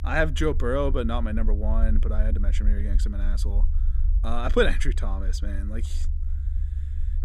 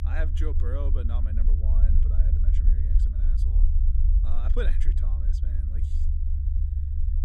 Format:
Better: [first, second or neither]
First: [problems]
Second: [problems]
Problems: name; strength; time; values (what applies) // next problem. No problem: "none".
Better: first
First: low rumble; faint; throughout; 20 dB below the speech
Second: low rumble; loud; throughout; 4 dB below the speech